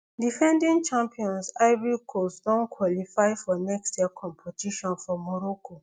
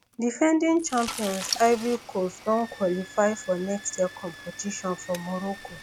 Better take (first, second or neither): first